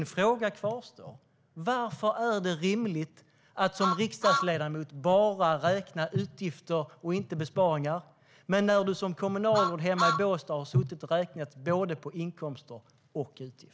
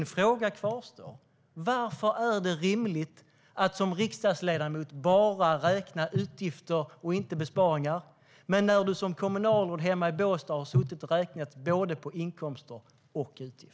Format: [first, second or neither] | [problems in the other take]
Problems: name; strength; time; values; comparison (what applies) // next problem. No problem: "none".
second | background sound (Truck); 3 dB below the speech